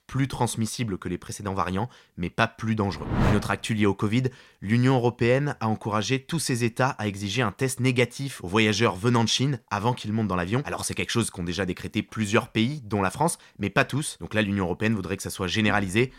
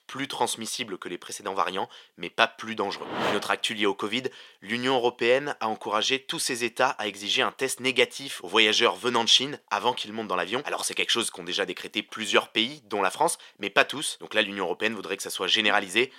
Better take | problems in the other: first | thin; somewhat; fading below 450 Hz

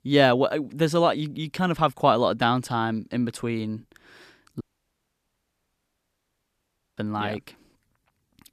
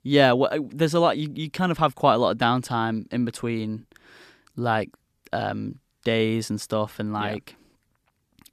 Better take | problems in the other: second | audio cutting out; at 4.5 s for 2.5 s

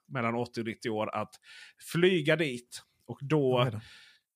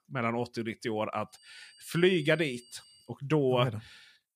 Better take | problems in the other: first | high-pitched whine; faint; from 1.5 to 3 s; 4.5 kHz, 25 dB below the speech

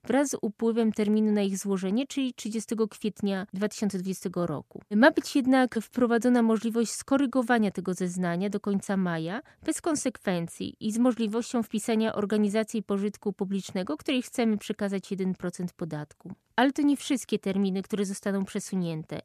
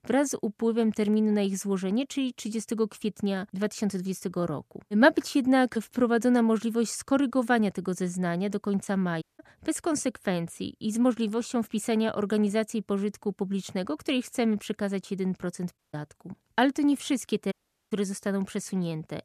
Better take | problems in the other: first | audio cutting out; at 9 s, at 16 s and at 18 s

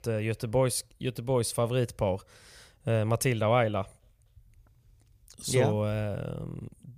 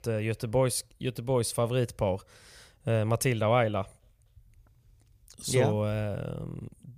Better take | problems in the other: neither | none

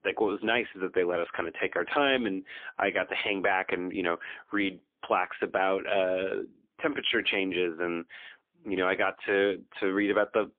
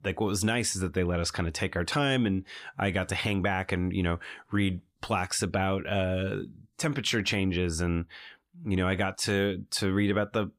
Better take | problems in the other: second | phone-call audio; poor line; nothing above 3.5 kHz

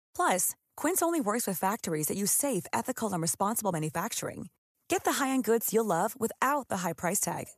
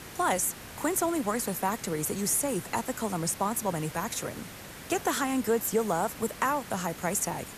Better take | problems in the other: first | hiss; noticeable; throughout; 15 dB below the speech

